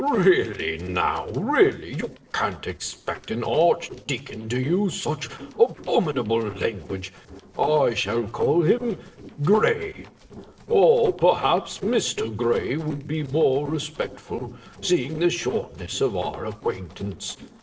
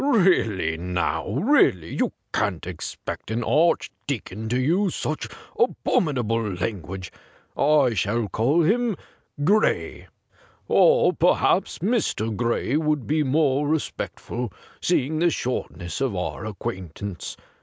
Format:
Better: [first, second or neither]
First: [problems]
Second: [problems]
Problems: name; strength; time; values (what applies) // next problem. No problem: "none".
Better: second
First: noise reduction (neural separator model SepFormer DNS4)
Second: none